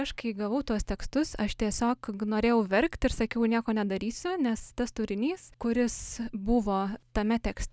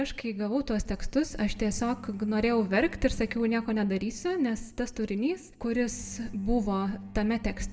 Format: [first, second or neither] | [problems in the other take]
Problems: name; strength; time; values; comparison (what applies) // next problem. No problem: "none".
first | background sound (Bowed string instrument); 19 dB below the speech // room echo; dies away in 0.6 s